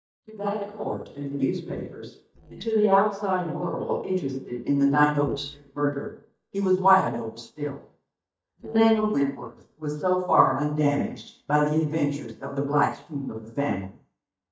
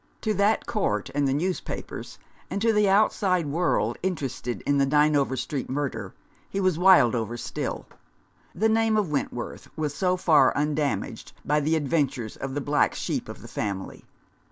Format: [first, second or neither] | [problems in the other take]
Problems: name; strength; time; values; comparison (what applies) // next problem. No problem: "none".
second | noise reduction (neural mask model DeepFilterNet 3)